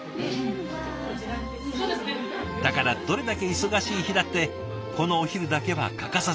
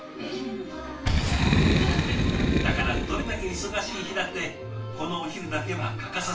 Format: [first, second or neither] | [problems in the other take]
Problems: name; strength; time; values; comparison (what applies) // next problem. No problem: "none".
first | background sound (Boom); 4 dB above the speech // room echo; dies away in 0.3 s